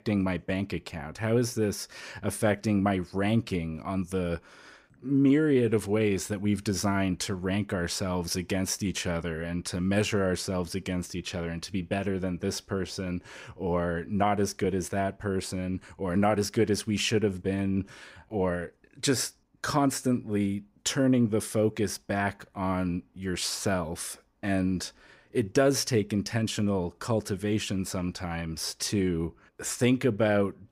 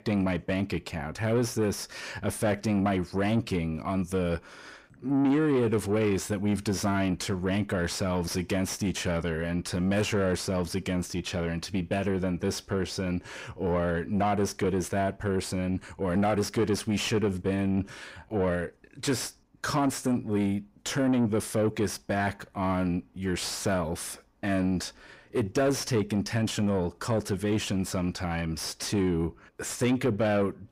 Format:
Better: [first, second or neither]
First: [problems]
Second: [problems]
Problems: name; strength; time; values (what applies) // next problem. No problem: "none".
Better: first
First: none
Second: distortion; slight; 10 dB below the speech